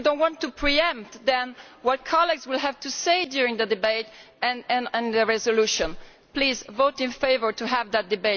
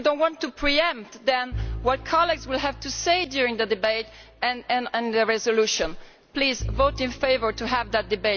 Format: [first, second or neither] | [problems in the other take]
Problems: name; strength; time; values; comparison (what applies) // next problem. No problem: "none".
first | background sound (Bowed string instrument); 14 dB below the speech